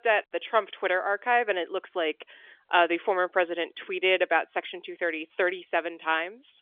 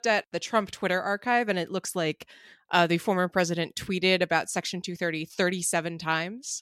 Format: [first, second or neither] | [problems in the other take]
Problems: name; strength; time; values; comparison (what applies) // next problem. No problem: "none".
second | phone-call audio; nothing above 3.5 kHz